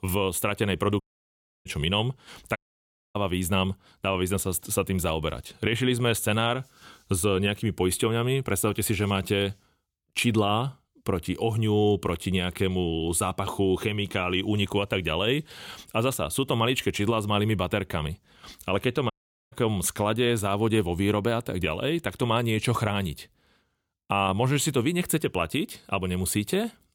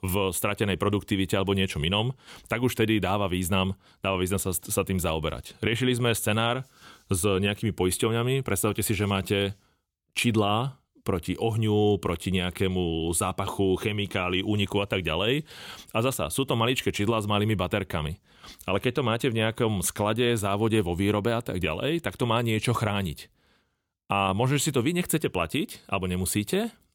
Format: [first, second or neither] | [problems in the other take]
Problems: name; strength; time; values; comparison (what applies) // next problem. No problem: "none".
second | audio cutting out; at 1 s for 0.5 s, at 2.5 s for 0.5 s and at 19 s